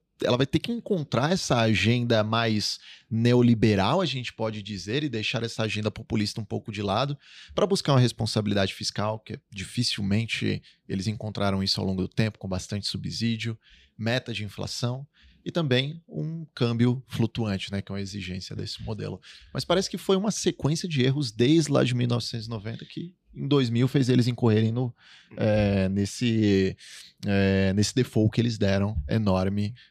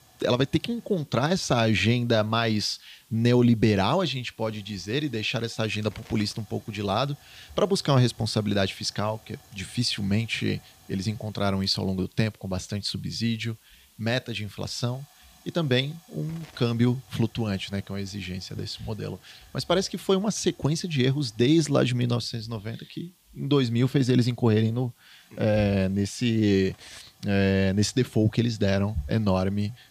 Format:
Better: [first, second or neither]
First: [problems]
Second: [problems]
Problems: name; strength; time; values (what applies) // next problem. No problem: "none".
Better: first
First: none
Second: hiss; faint; throughout; 30 dB below the speech